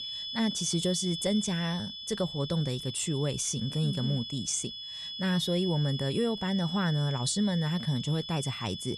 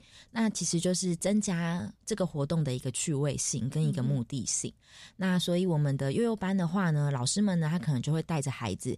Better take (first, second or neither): second